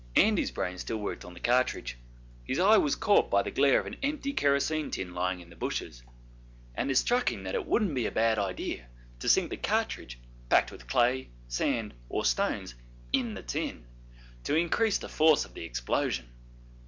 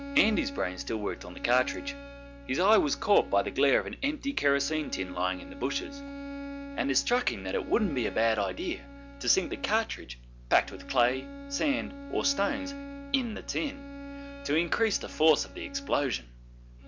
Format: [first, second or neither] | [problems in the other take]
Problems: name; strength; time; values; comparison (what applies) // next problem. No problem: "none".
first | background sound (Bowed string instrument); 13 dB below the speech